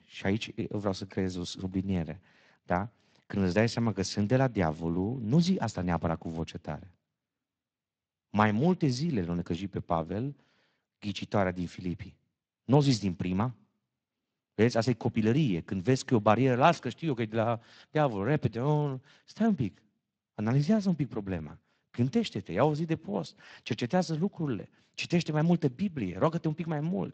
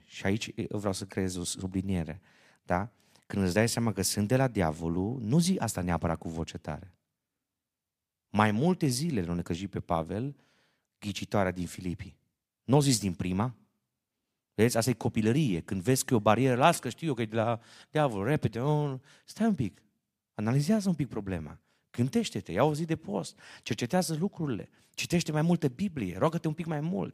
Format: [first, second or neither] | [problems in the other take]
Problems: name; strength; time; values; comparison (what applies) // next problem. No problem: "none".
second | garbled, watery; slightly; nothing above 8 kHz